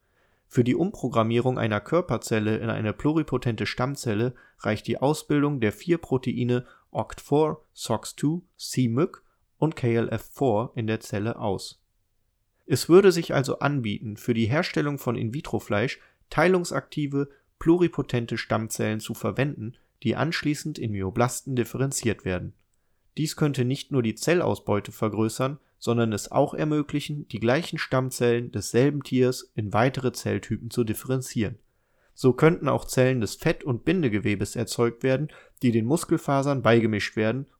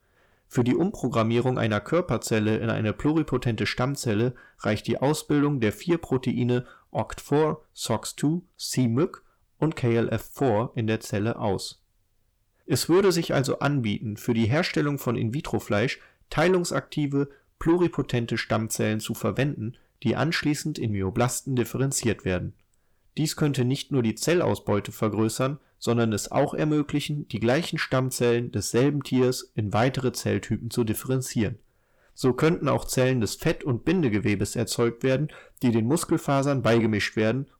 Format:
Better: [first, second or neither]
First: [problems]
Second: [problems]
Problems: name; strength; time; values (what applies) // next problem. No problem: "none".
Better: first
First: none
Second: distortion; slight; 10 dB below the speech